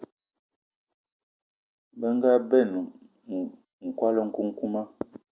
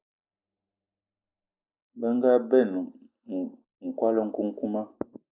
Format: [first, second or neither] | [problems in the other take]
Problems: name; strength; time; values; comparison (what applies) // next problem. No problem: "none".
first | noise reduction (neural mask model Resemble Enhance denoiser)